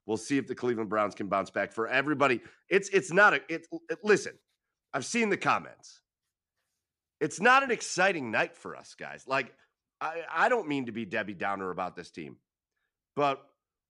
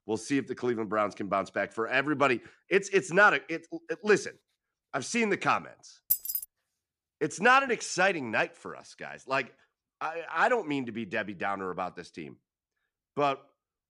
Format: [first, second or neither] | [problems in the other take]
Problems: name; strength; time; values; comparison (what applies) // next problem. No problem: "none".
first | jangling keys; loud; at 6 s; peak 1 dB above the speech